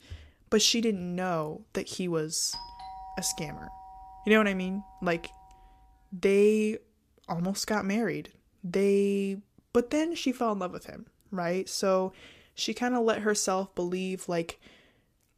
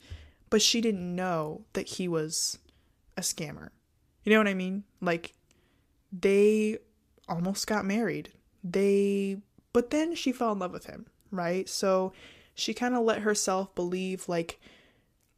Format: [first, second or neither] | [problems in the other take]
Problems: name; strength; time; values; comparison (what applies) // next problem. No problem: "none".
second | doorbell; faint; from 2.5 to 5.5 s; peak 10 dB below the speech